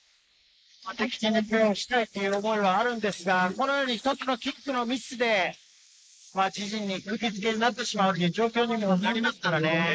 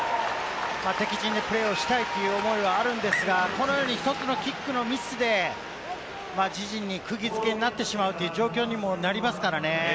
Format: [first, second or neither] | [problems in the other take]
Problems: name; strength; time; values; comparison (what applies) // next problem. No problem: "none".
second | noise reduction (neural mask model Resemble Enhance denoiser)